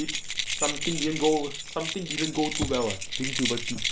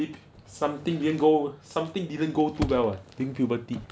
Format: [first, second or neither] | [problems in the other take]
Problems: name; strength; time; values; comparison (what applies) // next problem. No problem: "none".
second | background sound (Keys jangling); 2 dB below the speech